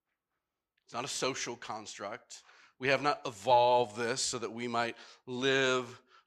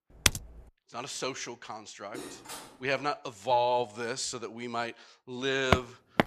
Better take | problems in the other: first | keyboard typing; loud; at 0.5 s; peak 6 dB above the speech // clattering dishes; noticeable; at 2 s; peak 10 dB below the speech // footsteps; loud; at 5.5 s; peak 3 dB above the speech

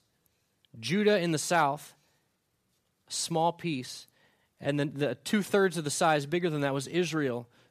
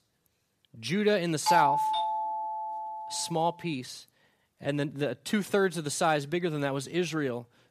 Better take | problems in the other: first | doorbell; loud; from 1.5 to 3 s; peak 5 dB above the speech

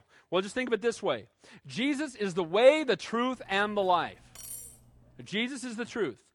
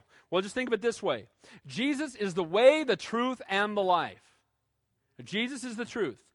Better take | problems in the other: second | clattering dishes; faint; from 3.5 to 5 s; peak 10 dB below the speech

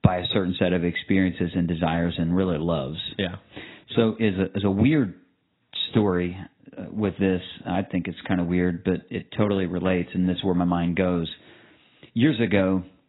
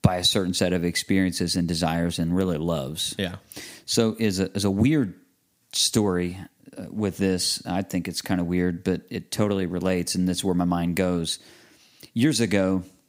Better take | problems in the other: second | garbled, watery; badly; nothing above 4 kHz

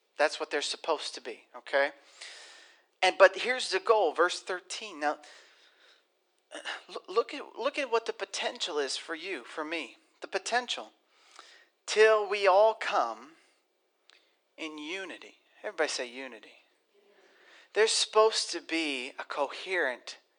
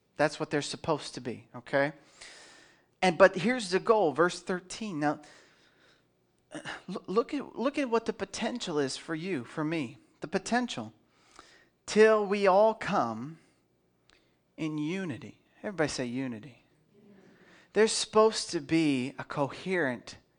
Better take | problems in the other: second | thin; very; fading below 400 Hz

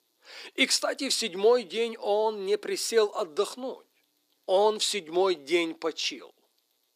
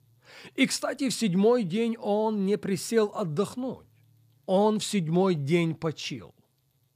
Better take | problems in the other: second | thin; somewhat; fading below 300 Hz

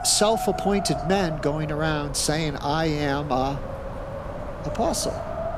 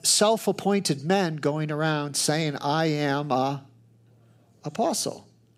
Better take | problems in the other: second | wind noise on the microphone; heavy; 8 dB below the speech

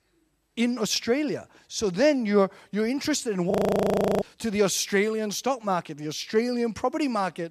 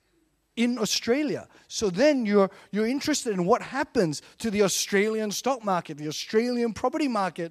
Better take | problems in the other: second | audio freezing; at 3.5 s for 0.5 s

